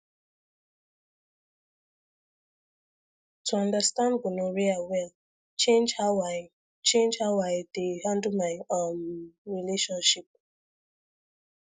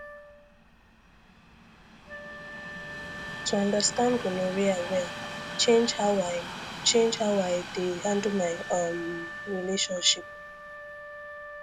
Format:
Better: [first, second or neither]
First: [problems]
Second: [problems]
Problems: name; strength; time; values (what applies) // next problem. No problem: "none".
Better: first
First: none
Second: background sound (Train + Wind instrument, woodwind instrument); 10 dB below the speech